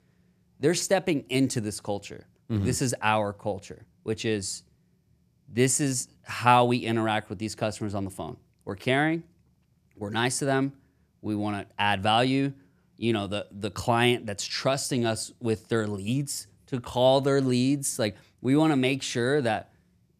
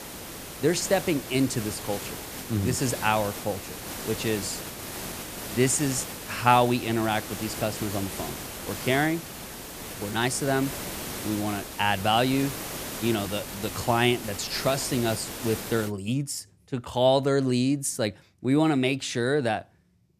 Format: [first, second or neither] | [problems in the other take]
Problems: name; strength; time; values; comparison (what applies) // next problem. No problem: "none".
first | hiss; loud; until 16 s; 9 dB below the speech